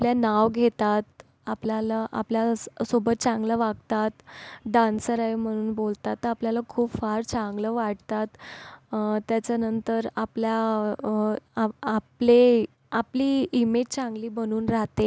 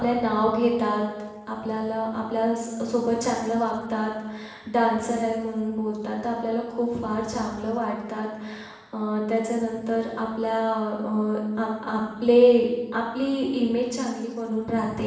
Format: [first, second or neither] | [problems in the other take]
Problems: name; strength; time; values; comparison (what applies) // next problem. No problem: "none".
first | room echo; dies away in 1.1 s